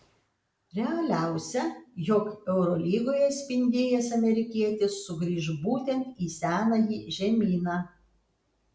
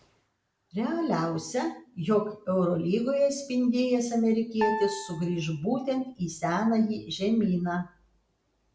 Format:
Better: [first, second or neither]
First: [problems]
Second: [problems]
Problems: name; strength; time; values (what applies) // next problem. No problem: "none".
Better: first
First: none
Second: background sound (Piano); 7 dB below the speech